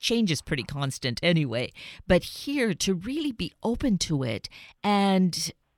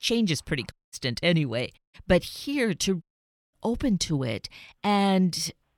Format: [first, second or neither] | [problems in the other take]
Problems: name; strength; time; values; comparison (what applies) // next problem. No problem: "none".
first | audio cutting out; at 0.5 s, at 2 s and at 3 s for 0.5 s